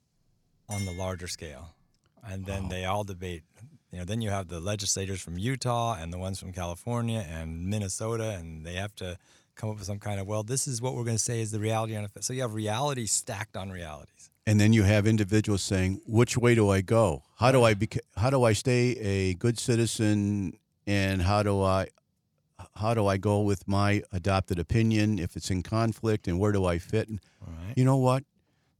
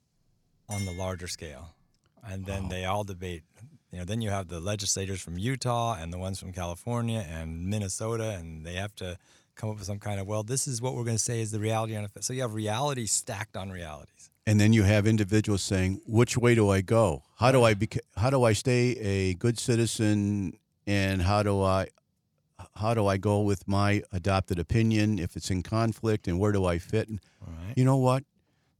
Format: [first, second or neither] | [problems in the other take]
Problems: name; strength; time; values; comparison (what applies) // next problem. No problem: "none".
neither | clattering dishes; faint; at 0.5 s; peak 15 dB below the speech; the same in both